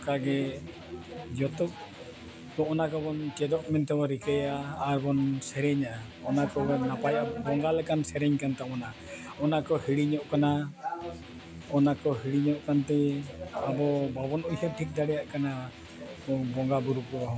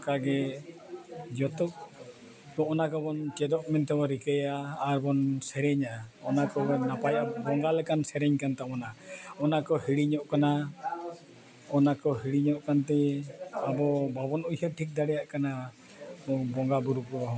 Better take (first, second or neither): second